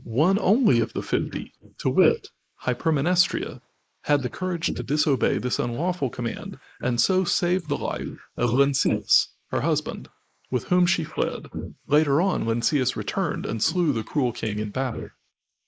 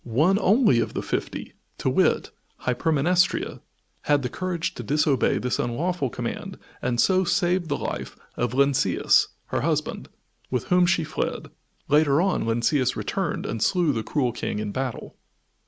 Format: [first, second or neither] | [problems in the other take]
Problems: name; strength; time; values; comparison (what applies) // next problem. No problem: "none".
second | noise reduction (neural mask model Resemble Enhance denoiser)